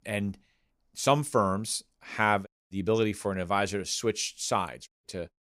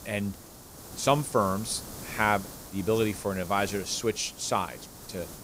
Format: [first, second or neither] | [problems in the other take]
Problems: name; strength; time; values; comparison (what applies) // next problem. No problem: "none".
first | hiss; noticeable; throughout; 15 dB below the speech